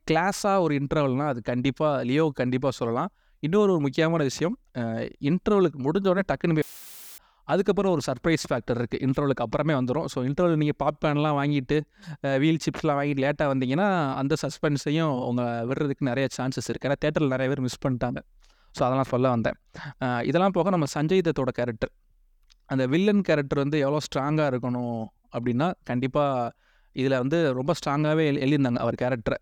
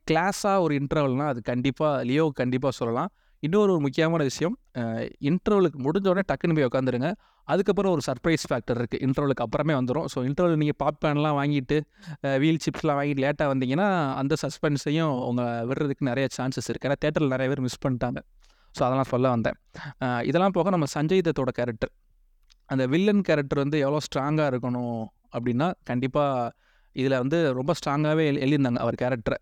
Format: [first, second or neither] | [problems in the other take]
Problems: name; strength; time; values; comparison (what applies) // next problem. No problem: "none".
second | audio cutting out; filled with static; at 6.5 s for 0.5 s